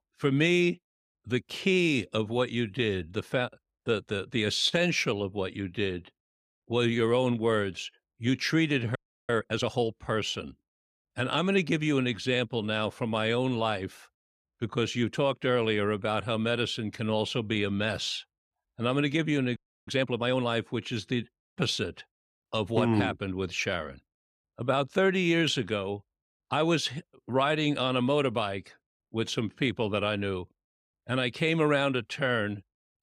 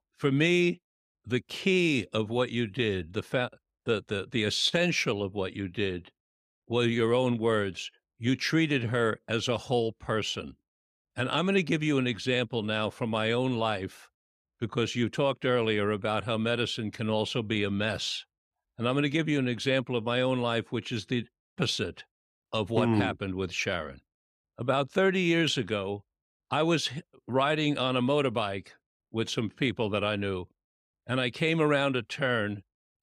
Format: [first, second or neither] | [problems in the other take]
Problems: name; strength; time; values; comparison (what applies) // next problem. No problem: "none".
second | audio freezing; at 9 s and at 20 s